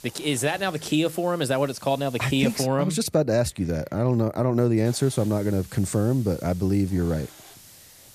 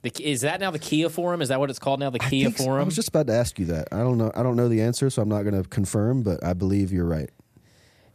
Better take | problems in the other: second | hiss; faint; until 2.5 s and from 5 s on; 20 dB below the speech

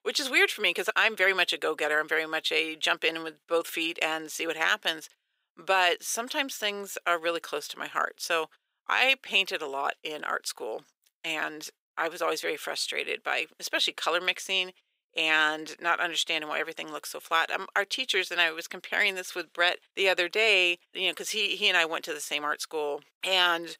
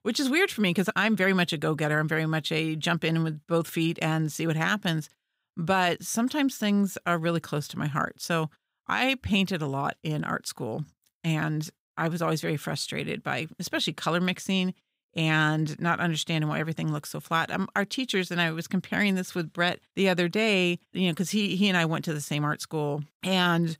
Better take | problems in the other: second | thin; very; fading below 400 Hz

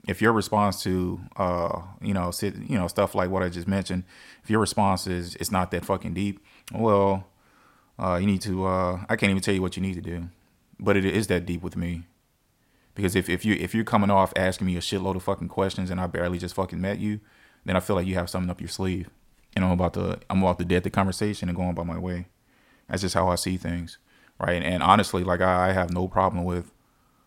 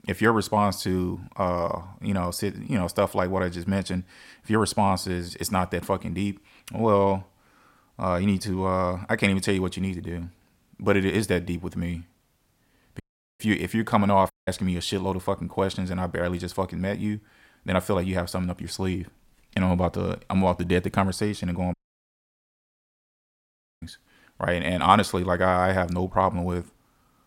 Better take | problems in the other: first | audio cutting out; at 13 s, at 14 s and at 22 s for 2 s

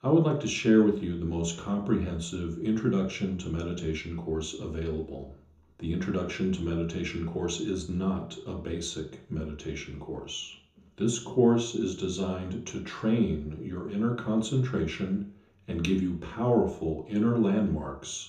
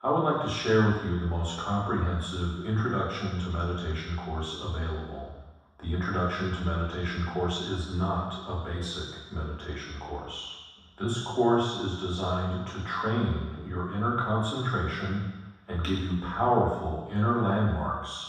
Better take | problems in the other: first | room echo; strong; dies away in 1.2 s; slight in the first // off-mic speech; far; far in the first

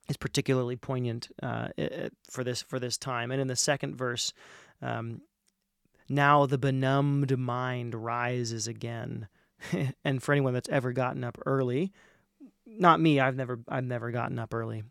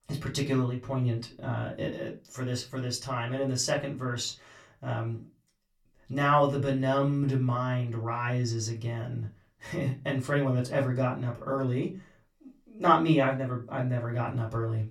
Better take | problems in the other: first | off-mic speech; far // room echo; very slight; dies away in 0.2 s

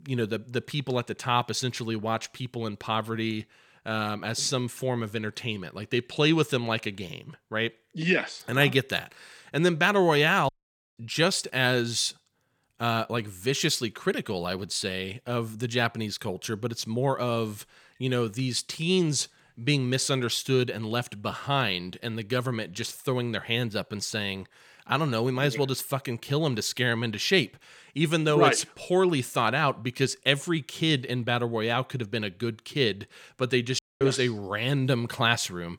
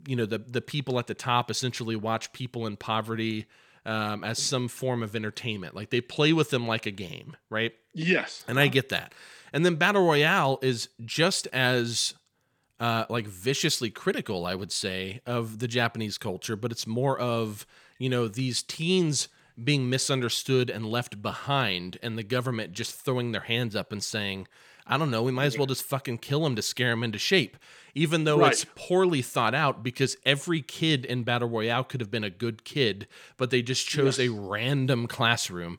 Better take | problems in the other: second | audio cutting out; at 10 s and at 34 s

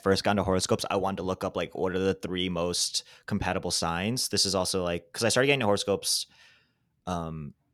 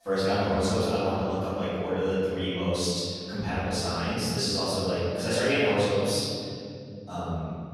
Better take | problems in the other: first | off-mic speech; far // room echo; strong; dies away in 3 s

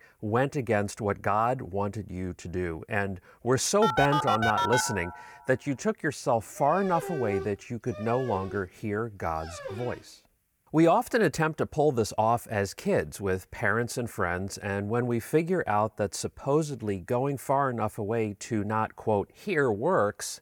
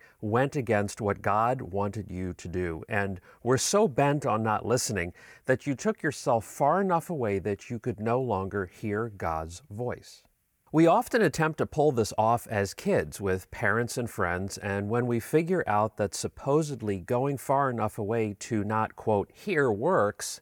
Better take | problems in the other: second | phone ringing; loud; from 4 to 5 s; peak 2 dB above the speech // dog barking; noticeable; from 6.5 to 10 s; peak 7 dB below the speech

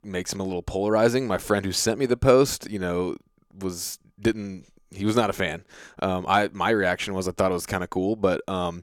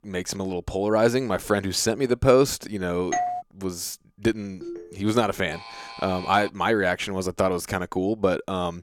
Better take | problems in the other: first | doorbell; noticeable; at 3 s; peak 2 dB below the speech // phone ringing; faint; at 4.5 s; peak 15 dB below the speech // alarm; faint; at 5.5 s; peak 15 dB below the speech

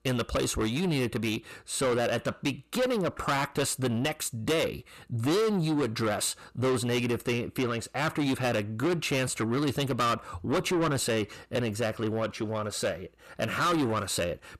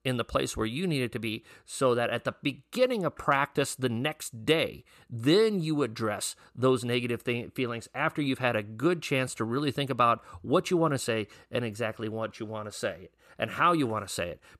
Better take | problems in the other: second | distortion; heavy; 6 dB below the speech

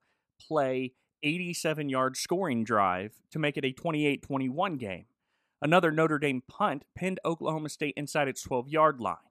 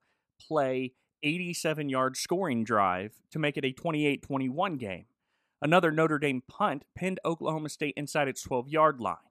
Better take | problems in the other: neither | none

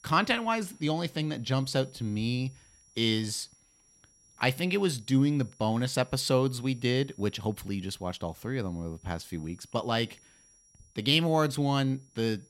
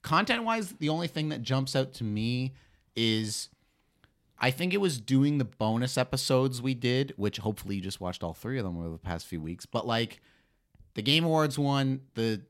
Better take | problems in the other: second | high-pitched whine; faint; throughout; 5.5 kHz, 30 dB below the speech

